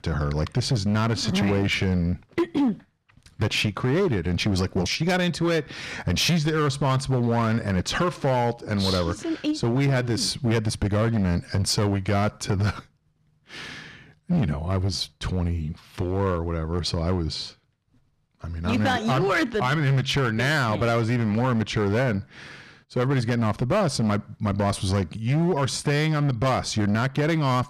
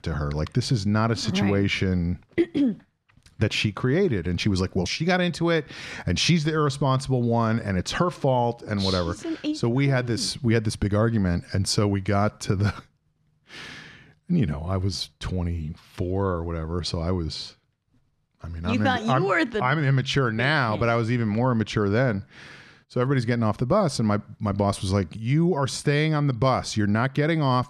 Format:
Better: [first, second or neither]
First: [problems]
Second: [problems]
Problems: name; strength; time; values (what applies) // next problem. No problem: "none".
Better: second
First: distortion; slight; 12% of the sound clipped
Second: none